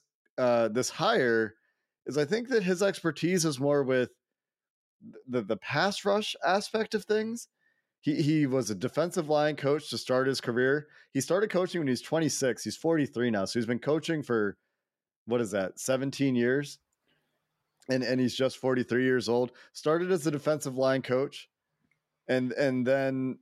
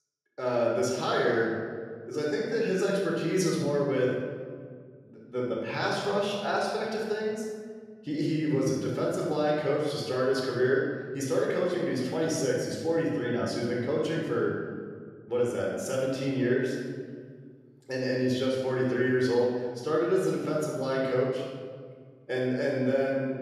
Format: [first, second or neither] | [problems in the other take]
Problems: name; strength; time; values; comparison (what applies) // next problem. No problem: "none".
first | off-mic speech; far // room echo; noticeable; dies away in 1.6 s